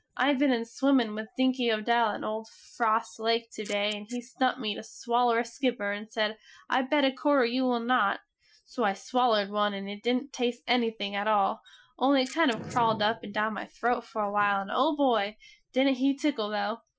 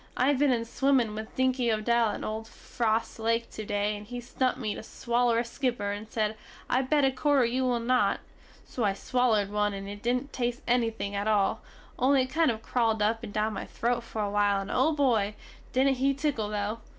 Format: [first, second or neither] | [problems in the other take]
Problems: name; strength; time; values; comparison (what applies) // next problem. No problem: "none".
second | noise reduction (classical method Wiener filter)